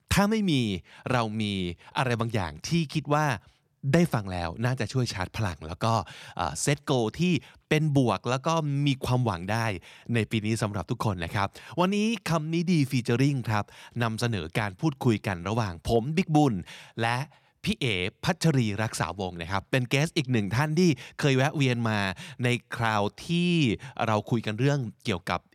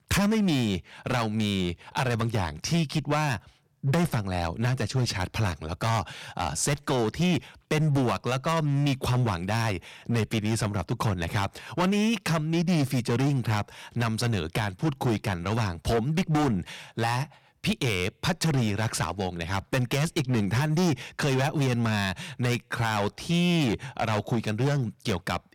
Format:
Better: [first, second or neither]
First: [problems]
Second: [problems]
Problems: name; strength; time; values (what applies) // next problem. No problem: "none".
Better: first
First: none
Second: distortion; heavy; 12% of the sound clipped